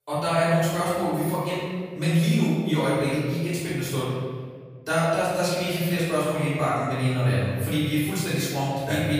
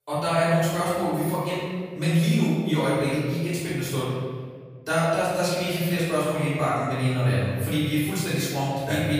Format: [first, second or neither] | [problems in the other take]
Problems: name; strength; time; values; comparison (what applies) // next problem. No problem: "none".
neither | room echo; strong; dies away in 1.5 s; the same in both // off-mic speech; far; the same in both